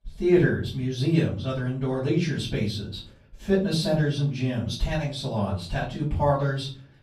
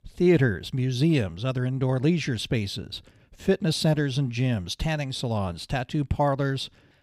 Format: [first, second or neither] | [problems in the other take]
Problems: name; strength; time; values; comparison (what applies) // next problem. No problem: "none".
second | off-mic speech; far // room echo; slight; dies away in 0.4 s